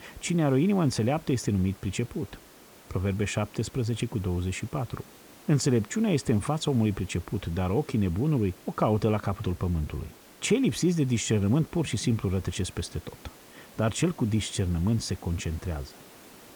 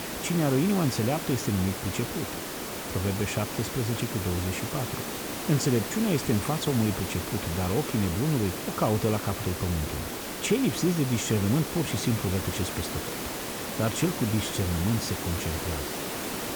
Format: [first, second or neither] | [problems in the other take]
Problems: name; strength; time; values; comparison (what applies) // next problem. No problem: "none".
first | hiss; loud; throughout; 4 dB below the speech; faint in the first